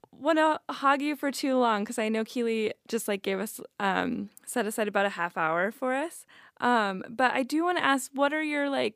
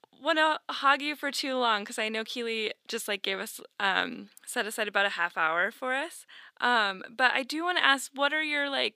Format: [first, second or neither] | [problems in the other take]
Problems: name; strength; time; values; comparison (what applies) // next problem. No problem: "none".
first | thin; very slightly; fading below 850 Hz